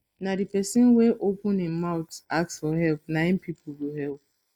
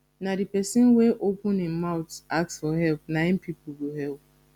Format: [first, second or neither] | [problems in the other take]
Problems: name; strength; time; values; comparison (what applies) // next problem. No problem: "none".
second | noise reduction (neural mask model Resemble Enhance denoiser)